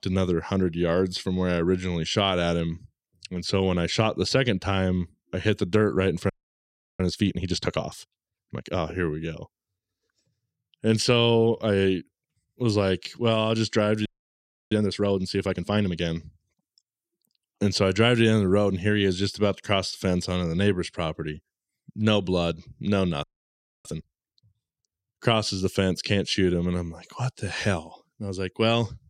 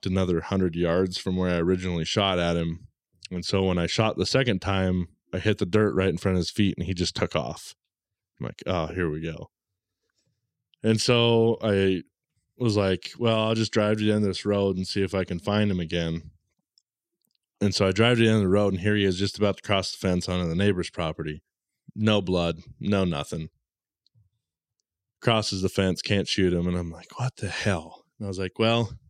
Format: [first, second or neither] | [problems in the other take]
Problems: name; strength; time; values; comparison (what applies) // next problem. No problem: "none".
second | audio freezing; at 6.5 s for 0.5 s, at 14 s for 0.5 s and at 23 s for 0.5 s